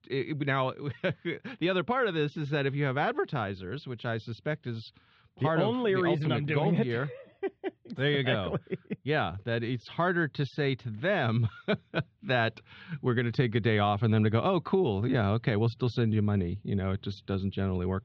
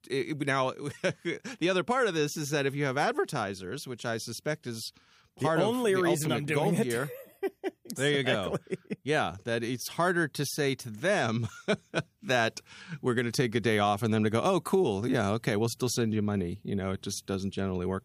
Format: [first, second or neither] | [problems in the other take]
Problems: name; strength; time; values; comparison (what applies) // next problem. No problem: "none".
second | muffled; slightly; fading above 4 kHz